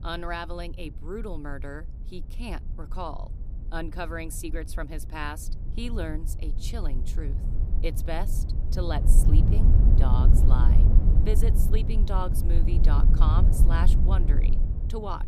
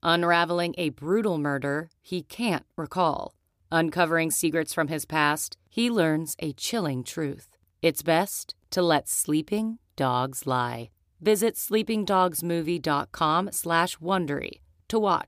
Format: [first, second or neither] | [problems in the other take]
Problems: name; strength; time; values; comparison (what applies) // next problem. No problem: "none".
second | low rumble; loud; throughout; 4 dB below the speech